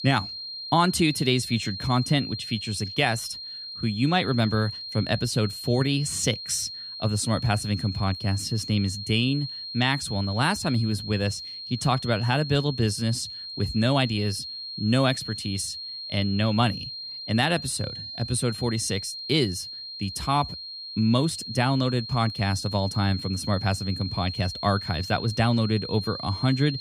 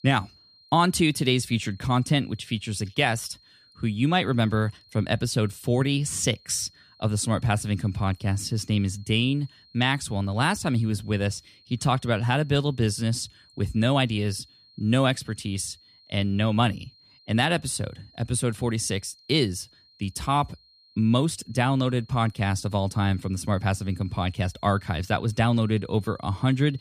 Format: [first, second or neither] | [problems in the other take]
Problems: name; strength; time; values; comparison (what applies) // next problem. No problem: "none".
second | high-pitched whine; loud; throughout; 4 kHz, 8 dB below the speech; faint in the second